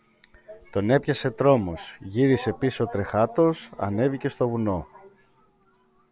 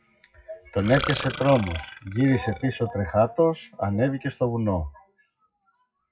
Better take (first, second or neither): first